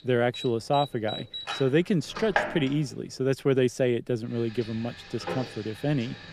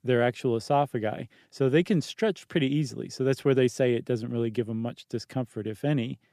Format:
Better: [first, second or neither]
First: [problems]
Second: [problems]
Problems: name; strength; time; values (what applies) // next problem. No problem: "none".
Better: second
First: household noises; loud; throughout; 8 dB below the speech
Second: none